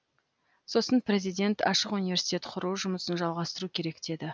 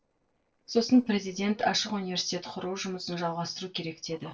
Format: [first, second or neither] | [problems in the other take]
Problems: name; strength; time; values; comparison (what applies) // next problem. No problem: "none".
first | noise reduction (neural separator model SepFormer DNS4)